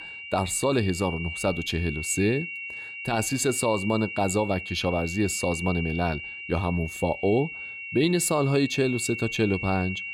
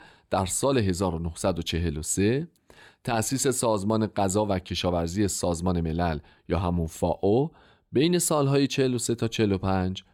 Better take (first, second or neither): second